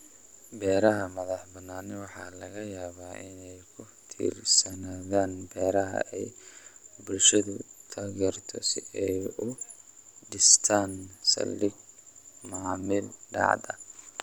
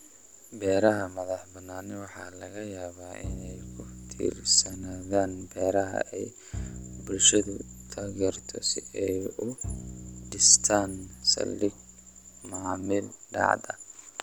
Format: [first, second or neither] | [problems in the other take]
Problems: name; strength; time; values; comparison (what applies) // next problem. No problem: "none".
first | background sound (Bowed string instrument); 14 dB below the speech